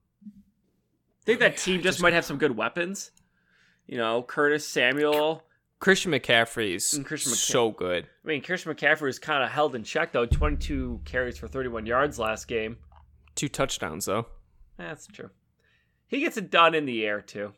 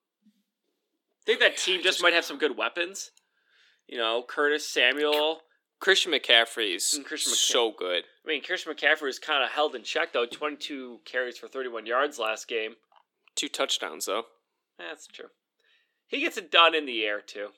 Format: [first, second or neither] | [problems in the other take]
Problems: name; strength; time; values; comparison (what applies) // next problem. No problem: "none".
first | thin; somewhat; fading below 300 Hz